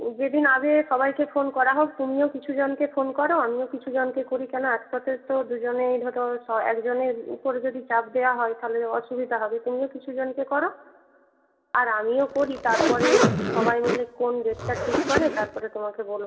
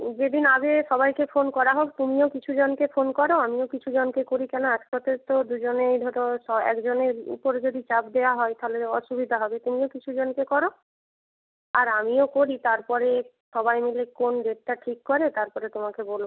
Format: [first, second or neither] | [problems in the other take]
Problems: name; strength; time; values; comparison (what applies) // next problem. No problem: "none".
second | background sound (Zipper (clothing)); 1 dB below the speech // room echo; dies away in 1.2 s